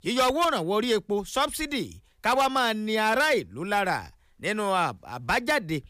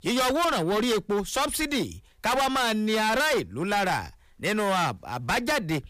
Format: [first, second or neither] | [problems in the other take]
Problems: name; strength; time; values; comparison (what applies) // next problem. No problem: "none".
first | distortion; heavy; 24% of the sound clipped